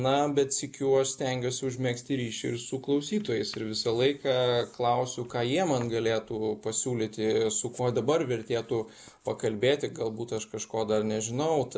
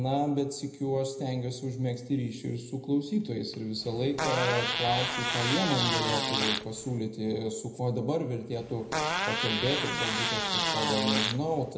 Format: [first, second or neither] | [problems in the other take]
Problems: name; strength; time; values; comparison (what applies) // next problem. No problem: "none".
first | background sound (Fart); as loud as the speech // room echo; dies away in 0.7 s